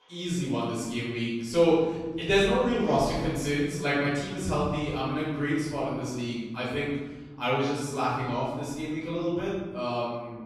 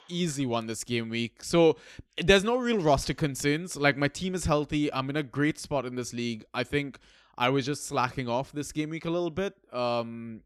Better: second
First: off-mic speech; far // room echo; strong; dies away in 1.3 s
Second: none

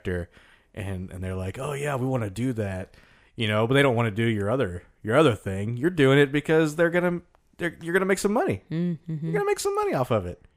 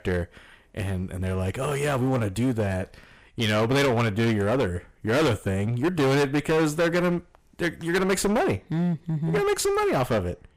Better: first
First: none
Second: distortion; heavy; 16% of the sound clipped

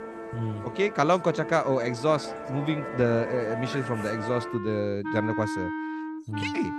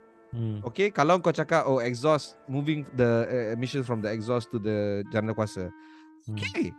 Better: second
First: background music; loud; throughout; 7 dB below the speech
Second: background music; faint; throughout; 25 dB below the speech

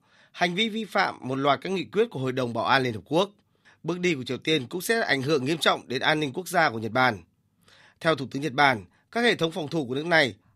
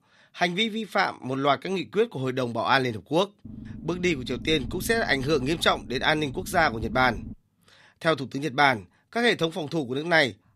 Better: first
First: none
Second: low rumble; faint; from 3.5 to 7.5 s; 25 dB below the speech

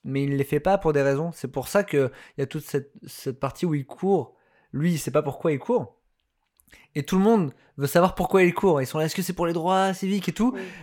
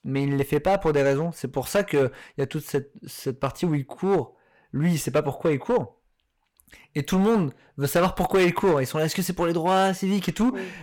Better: first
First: none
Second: distortion; slight; 7% of the sound clipped

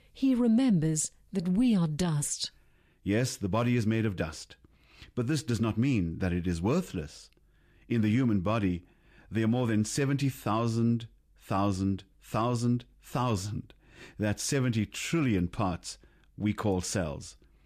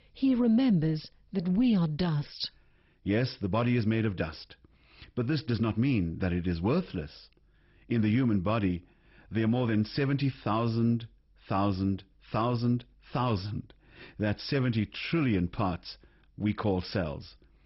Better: first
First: none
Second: garbled, watery; badly; nothing above 5.5 kHz

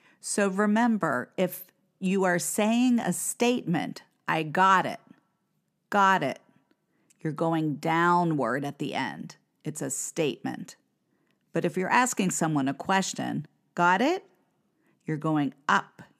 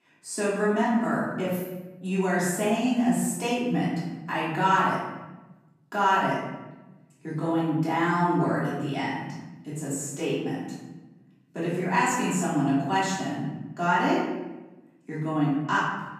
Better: first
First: none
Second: room echo; noticeable; dies away in 1.1 s // off-mic speech; far

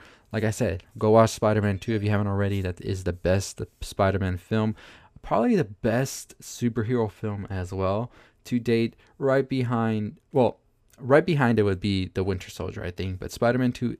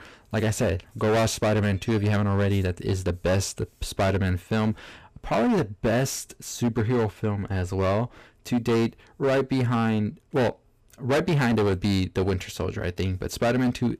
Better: first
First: none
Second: distortion; heavy; 15% of the sound clipped

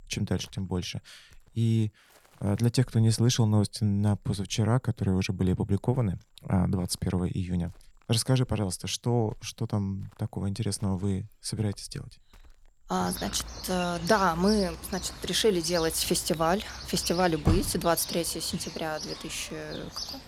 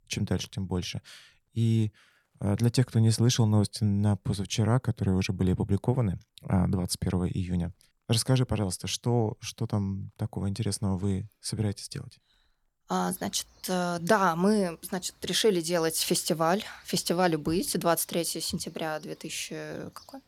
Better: second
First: animal sounds; loud; throughout; 9 dB below the speech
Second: animal sounds; faint; throughout; 25 dB below the speech

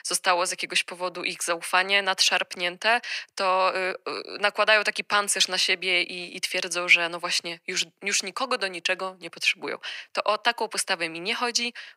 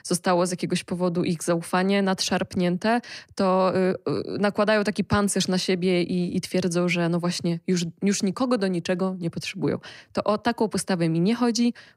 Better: second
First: thin; very; fading below 750 Hz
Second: none

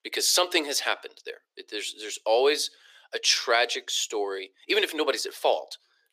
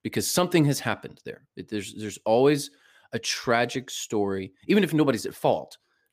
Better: second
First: thin; very; fading below 400 Hz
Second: none

